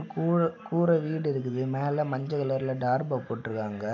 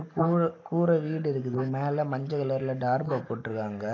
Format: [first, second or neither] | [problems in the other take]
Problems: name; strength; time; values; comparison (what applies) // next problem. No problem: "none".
first | noise reduction (neural mask model Resemble Enhance denoiser)